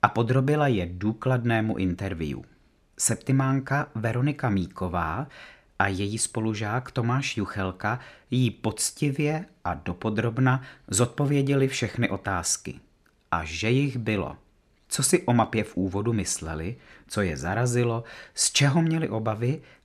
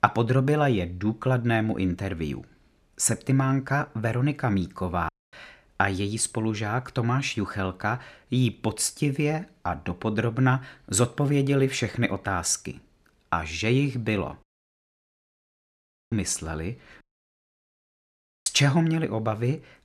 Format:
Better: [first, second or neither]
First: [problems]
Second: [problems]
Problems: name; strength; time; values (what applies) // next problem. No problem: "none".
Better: first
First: none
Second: audio cutting out; at 5 s, at 14 s for 1.5 s and at 17 s for 1.5 s